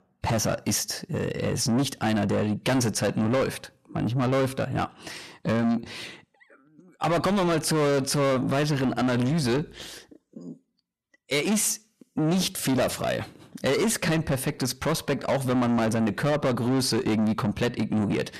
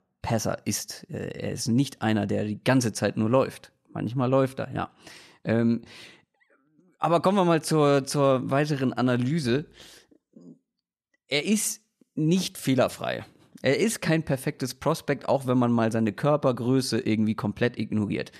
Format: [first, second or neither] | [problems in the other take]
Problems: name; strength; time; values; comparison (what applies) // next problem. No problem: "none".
second | distortion; heavy; 6 dB below the speech